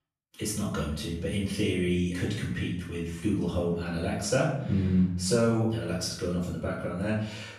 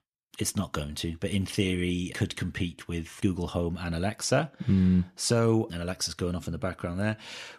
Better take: second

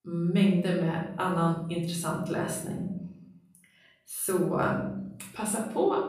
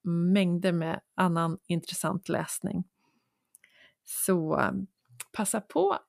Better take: second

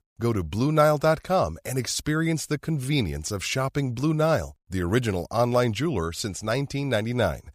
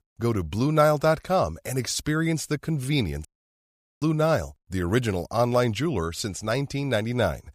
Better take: first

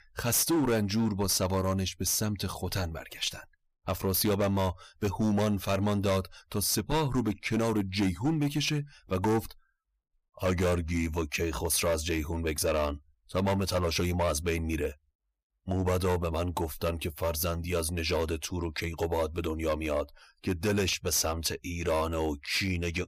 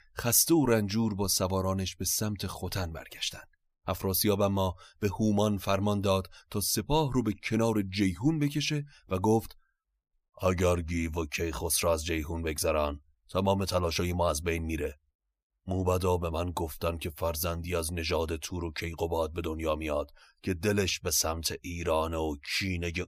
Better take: second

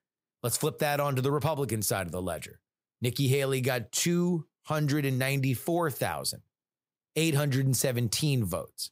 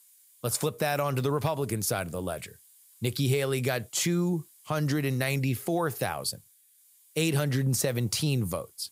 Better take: first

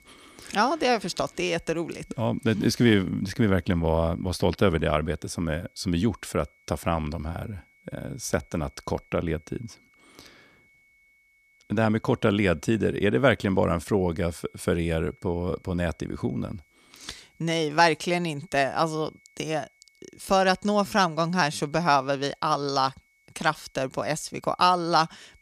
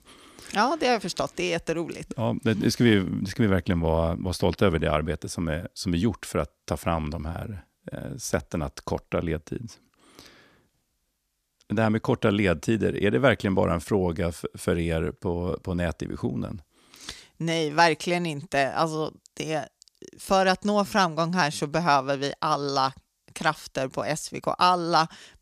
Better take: second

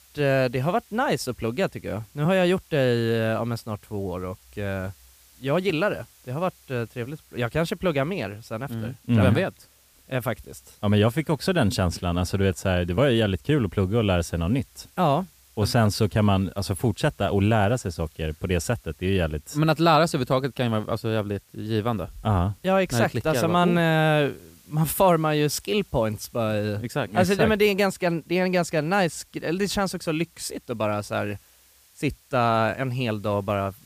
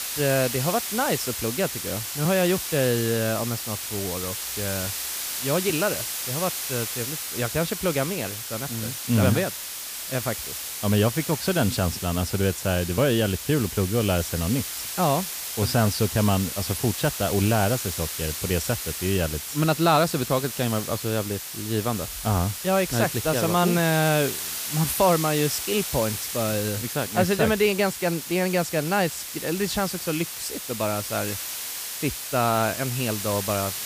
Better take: first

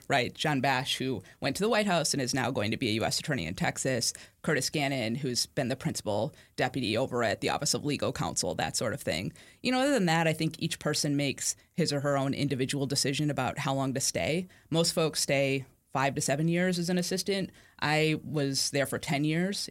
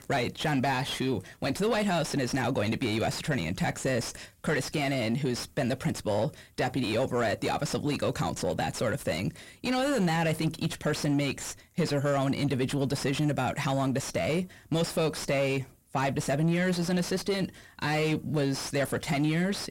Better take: first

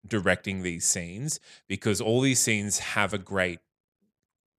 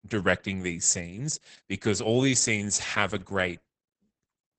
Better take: first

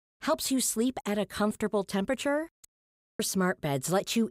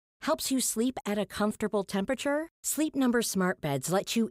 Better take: second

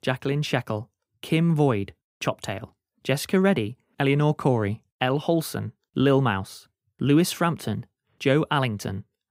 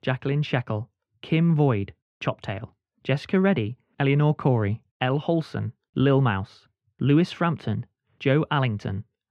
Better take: first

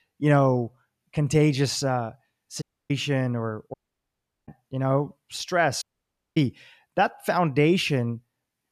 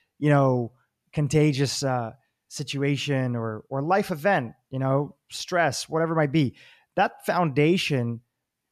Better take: second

